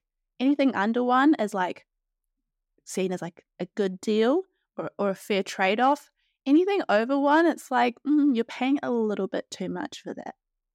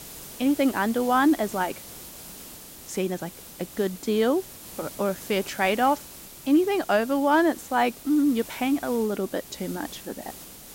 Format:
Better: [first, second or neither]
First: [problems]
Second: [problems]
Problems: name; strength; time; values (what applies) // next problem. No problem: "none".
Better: first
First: none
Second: hiss; noticeable; throughout; 15 dB below the speech